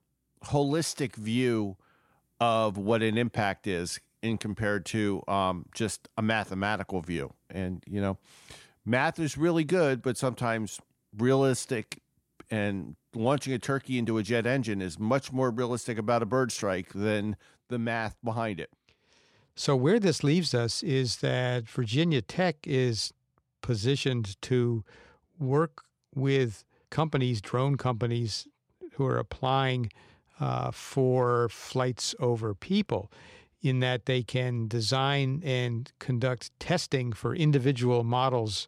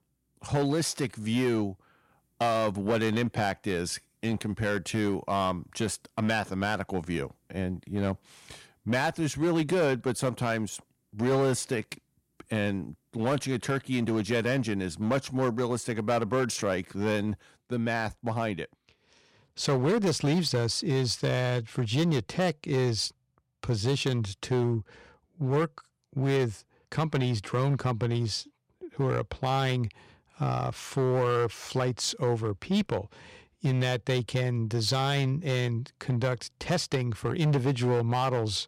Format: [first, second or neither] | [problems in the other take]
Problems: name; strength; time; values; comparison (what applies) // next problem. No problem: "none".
first | distortion; slight; 7% of the sound clipped